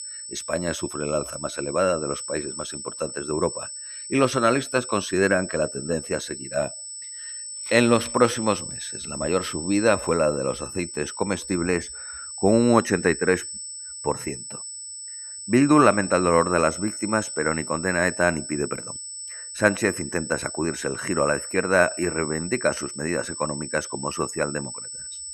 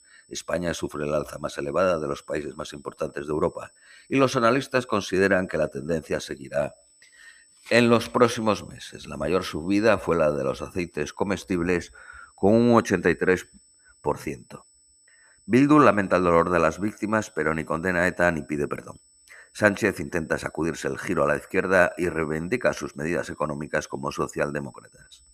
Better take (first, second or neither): second